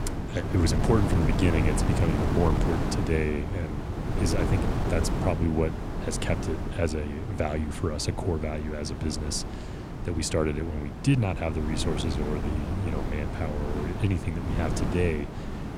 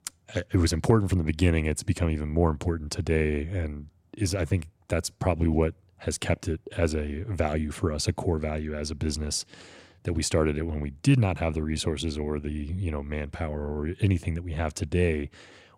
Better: second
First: wind noise on the microphone; heavy; 3 dB below the speech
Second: none

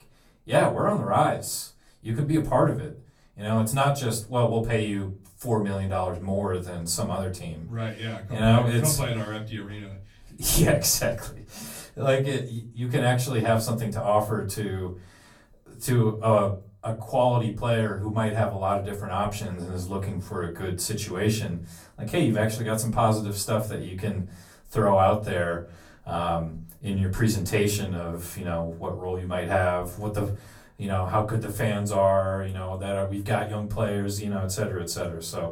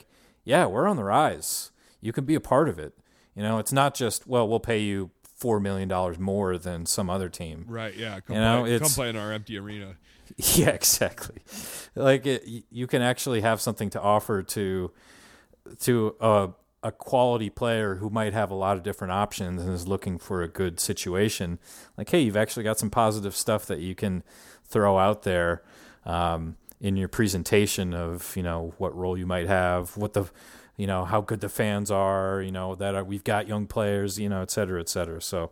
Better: second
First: off-mic speech; far // room echo; very slight; dies away in 0.3 s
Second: none

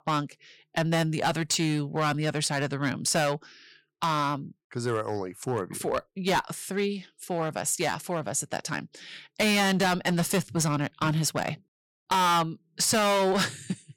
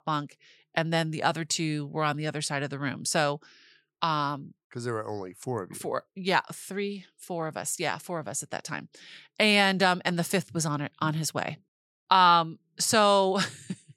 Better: second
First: distortion; heavy; 9% of the sound clipped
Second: none

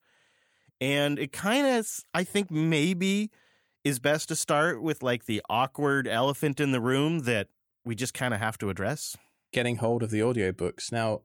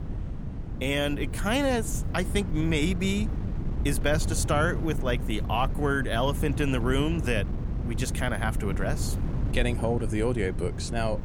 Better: first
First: none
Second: wind noise on the microphone; occasional gusts; 15 dB below the speech

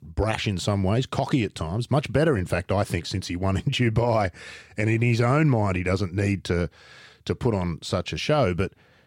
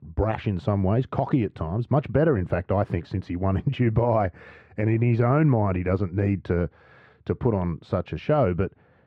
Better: first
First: none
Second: muffled; very; fading above 3.5 kHz

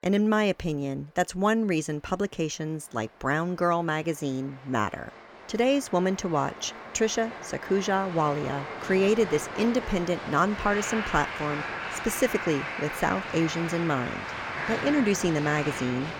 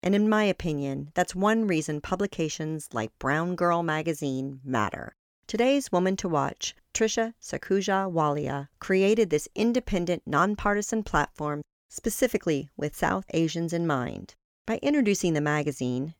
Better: second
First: crowd noise; loud; throughout; 7 dB below the speech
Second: none

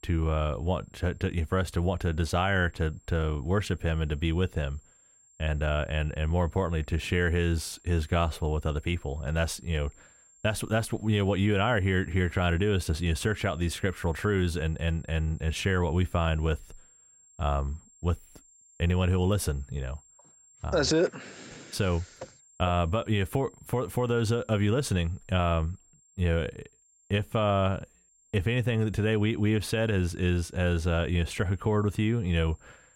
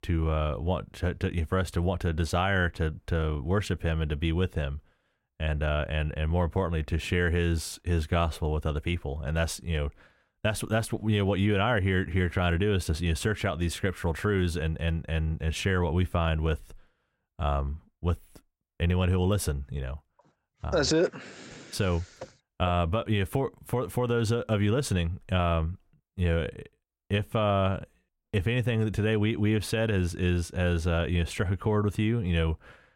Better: second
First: high-pitched whine; faint; throughout; 7.5 kHz, 30 dB below the speech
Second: none

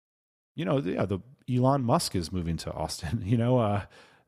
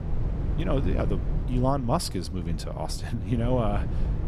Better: first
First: none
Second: low rumble; noticeable; throughout; 10 dB below the speech

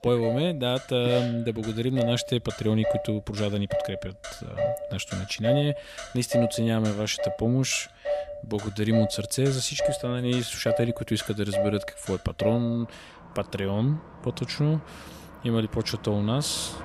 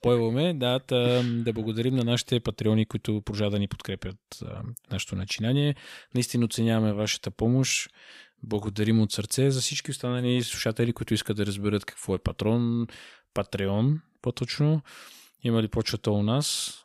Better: second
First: traffic noise; loud; throughout; 5 dB below the speech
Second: none

